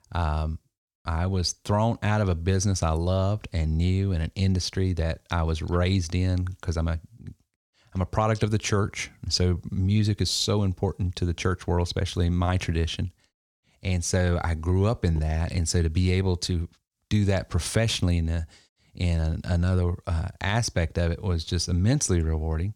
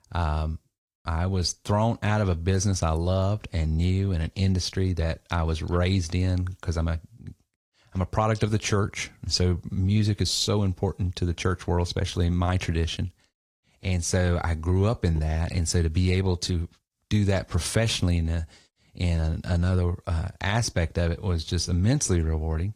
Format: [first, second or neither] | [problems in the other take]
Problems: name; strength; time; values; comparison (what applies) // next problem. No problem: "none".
first | garbled, watery; slightly; nothing above 14.5 kHz